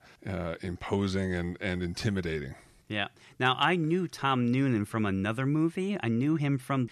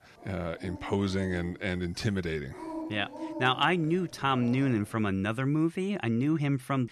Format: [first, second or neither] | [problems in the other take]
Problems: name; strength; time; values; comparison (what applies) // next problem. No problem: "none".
first | dog barking; noticeable; until 5 s; peak 8 dB below the speech